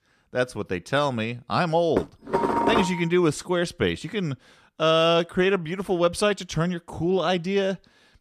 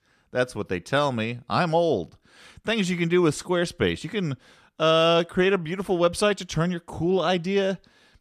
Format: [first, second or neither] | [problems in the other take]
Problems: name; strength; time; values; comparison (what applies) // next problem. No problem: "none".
second | clattering dishes; loud; from 2 to 3 s; peak 2 dB above the speech